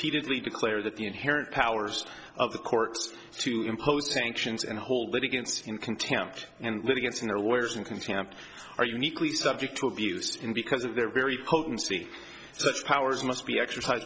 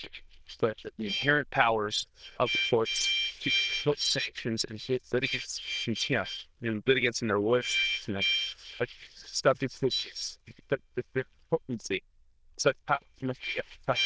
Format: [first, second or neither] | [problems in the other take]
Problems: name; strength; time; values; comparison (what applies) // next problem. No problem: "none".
first | noise reduction (neural diffusion model UNIVERSE++)